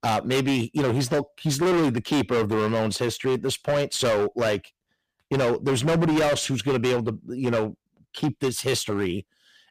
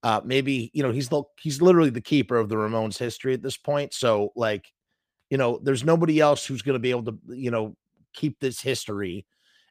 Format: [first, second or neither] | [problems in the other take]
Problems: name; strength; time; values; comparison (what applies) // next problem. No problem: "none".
second | distortion; heavy; 19% of the sound clipped